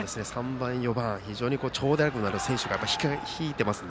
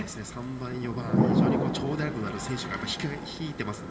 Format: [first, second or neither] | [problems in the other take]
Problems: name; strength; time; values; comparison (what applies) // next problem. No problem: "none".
first | background sound (Thunder / Rain); 4 dB above the speech // room echo; dies away in 1.6 s